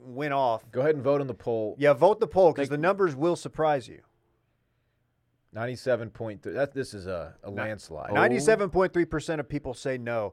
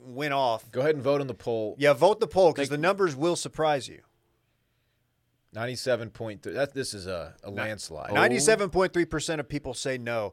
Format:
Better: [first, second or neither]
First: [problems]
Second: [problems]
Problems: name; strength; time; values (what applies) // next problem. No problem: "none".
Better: second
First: muffled; slightly; fading above 2.5 kHz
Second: none